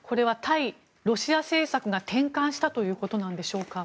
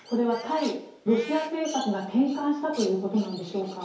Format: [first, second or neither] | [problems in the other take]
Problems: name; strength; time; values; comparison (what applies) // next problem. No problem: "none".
first | background sound (Crow); 18 dB below the speech // room echo; dies away in 2.4 s